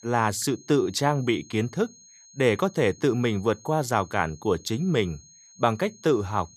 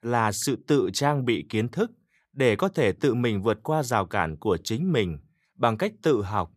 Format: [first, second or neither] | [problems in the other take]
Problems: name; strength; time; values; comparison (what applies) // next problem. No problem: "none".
second | high-pitched whine; faint; throughout; 6.5 kHz, 25 dB below the speech